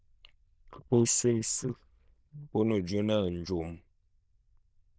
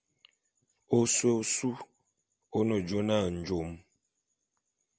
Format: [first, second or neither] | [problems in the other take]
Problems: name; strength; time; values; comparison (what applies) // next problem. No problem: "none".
second | noise reduction (neural diffusion model UNIVERSE++)